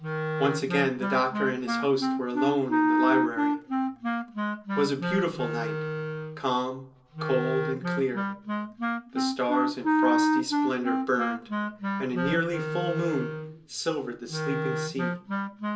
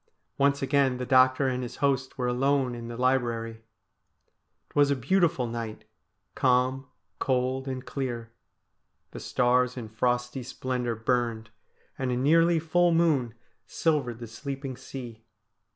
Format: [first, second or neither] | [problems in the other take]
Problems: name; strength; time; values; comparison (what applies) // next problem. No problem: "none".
second | background sound (Wind instrument, woodwind instrument); 1 dB above the speech // room echo; dies away in 0.3 s